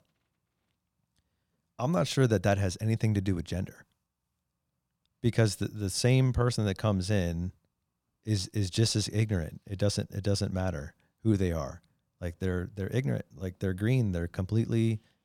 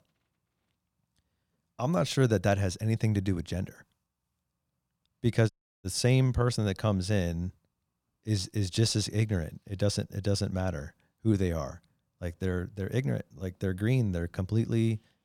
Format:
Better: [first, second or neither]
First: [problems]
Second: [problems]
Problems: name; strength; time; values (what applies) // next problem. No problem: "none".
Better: first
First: none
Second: audio cutting out; at 5.5 s